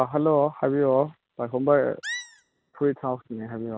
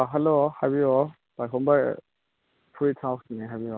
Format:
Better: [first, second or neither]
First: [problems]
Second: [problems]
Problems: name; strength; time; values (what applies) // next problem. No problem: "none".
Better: second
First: noise reduction (neural mask model RNNoise)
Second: none